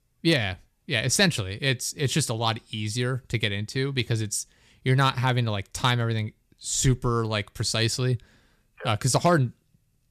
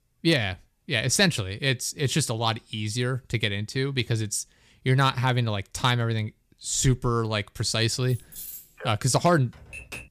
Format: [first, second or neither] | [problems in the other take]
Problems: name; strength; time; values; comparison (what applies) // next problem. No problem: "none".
first | jangling keys; faint; at 8 s; peak 10 dB below the speech // keyboard typing; faint; at 9.5 s; peak 15 dB below the speech